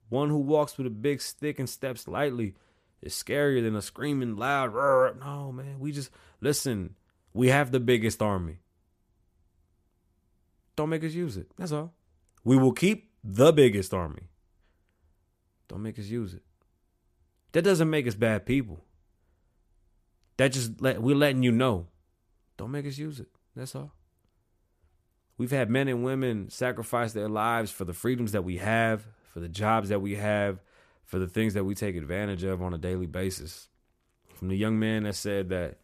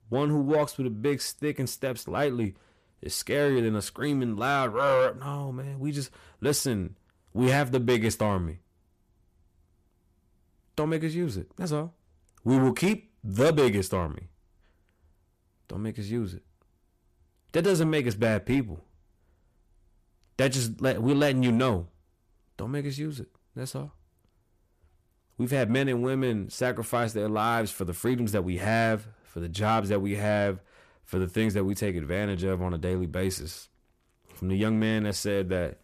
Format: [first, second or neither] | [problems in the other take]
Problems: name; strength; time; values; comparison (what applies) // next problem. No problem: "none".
first | distortion; slight; 10 dB below the speech